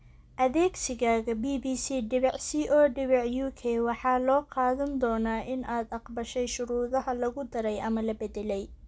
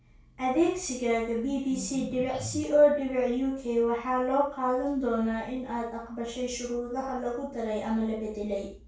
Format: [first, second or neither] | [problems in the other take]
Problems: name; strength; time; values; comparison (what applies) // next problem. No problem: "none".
first | background sound (Bass guitar); 12 dB below the speech // room echo; dies away in 0.4 s